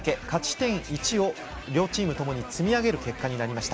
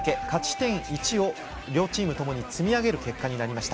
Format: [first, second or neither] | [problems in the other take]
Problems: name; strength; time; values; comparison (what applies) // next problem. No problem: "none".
first | background sound (Keyboard (musical)); 13 dB below the speech